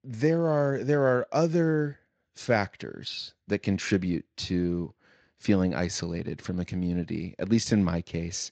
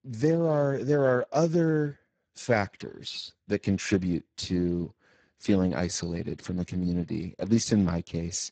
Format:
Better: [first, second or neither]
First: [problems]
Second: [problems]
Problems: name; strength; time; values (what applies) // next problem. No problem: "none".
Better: first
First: garbled, watery; slightly; nothing above 7.5 kHz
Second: garbled, watery; badly; nothing above 7.5 kHz